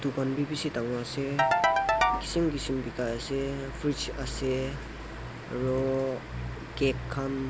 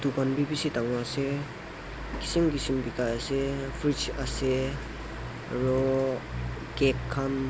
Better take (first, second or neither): second